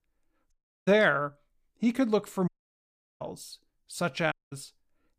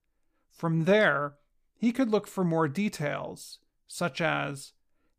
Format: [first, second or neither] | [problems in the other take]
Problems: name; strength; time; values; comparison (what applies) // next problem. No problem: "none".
second | audio cutting out; at 0.5 s, at 2.5 s for 0.5 s and at 4.5 s